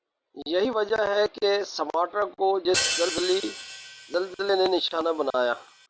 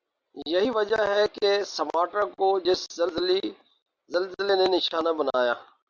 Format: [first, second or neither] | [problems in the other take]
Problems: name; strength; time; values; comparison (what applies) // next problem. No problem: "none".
second | background sound (Hi-hat); 8 dB below the speech